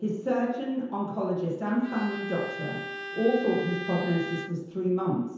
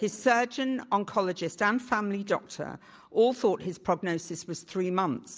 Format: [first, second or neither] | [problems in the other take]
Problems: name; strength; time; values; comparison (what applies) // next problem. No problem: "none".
second | background sound (Bowed string instrument); 9 dB below the speech // room echo; dies away in 0.9 s